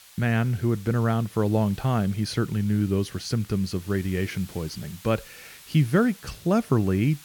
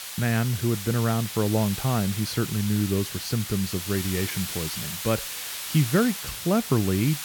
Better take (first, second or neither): first